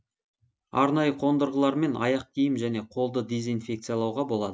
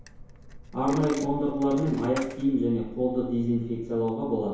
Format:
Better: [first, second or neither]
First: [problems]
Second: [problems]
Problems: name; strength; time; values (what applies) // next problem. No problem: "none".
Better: first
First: none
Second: background sound (Coin (dropping)); 15 dB below the speech // room echo; dies away in 1 s